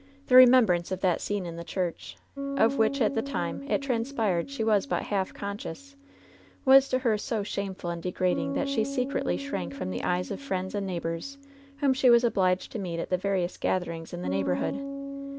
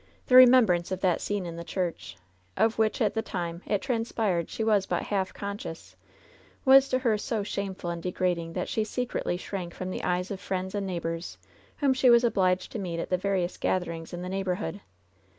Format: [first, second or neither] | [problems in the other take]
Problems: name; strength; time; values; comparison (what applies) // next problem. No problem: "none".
second | background sound (Bass guitar); 11 dB below the speech